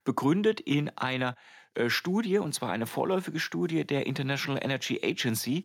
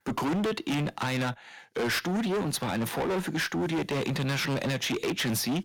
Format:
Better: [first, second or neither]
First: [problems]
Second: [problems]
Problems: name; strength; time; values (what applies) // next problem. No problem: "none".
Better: first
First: none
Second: distortion; heavy; 29% of the sound clipped